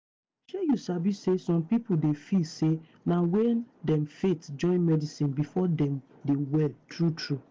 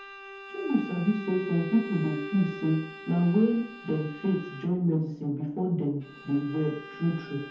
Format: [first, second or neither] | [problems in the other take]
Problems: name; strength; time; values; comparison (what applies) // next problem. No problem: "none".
first | background sound (Bowed string instrument); 14 dB below the speech // room echo; dies away in 0.6 s